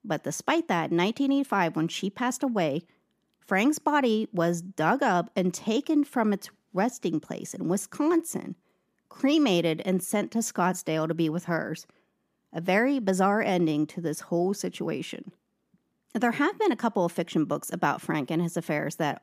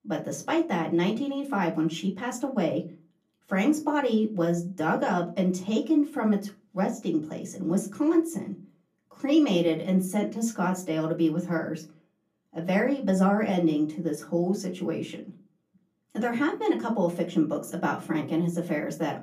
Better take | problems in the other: first | off-mic speech; far // room echo; very slight; dies away in 0.3 s

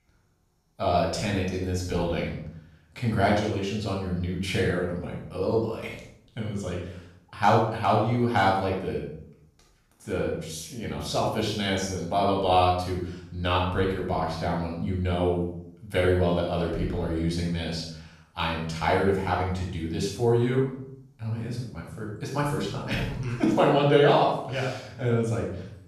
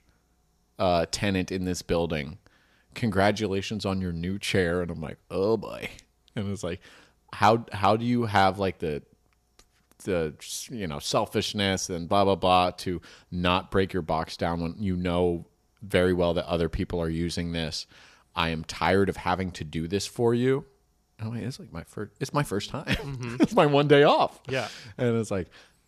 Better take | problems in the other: second | off-mic speech; far // room echo; noticeable; dies away in 0.6 s

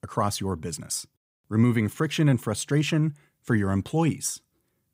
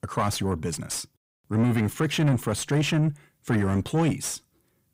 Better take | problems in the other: first | distortion; slight; 10 dB below the speech

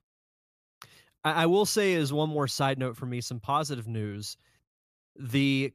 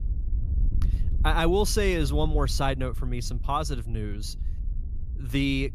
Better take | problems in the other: first | wind noise on the microphone; occasional gusts; 20 dB below the speech

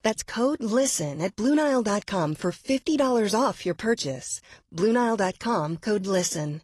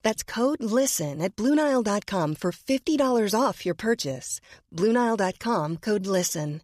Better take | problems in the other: second | garbled, watery; slightly; nothing above 11.5 kHz

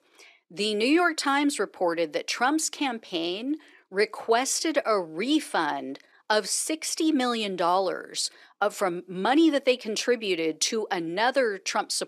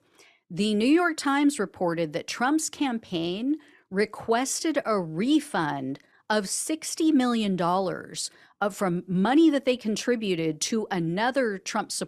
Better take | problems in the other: second | thin; very slightly; fading below 400 Hz

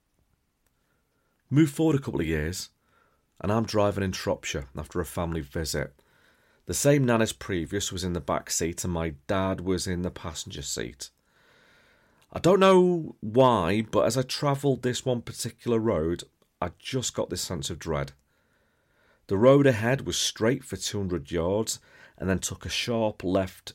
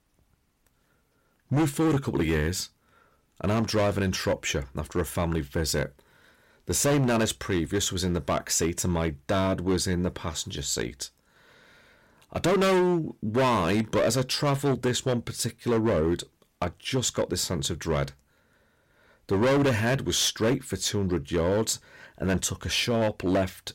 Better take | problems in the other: first | distortion; heavy; 9% of the sound clipped

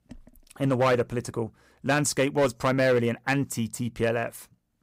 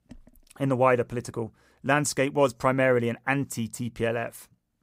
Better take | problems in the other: second | distortion; slight; 4% of the sound clipped

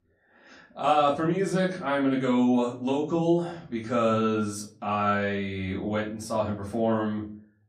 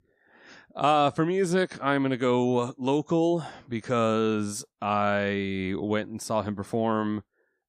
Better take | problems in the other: second | off-mic speech; far // room echo; slight; dies away in 0.4 s

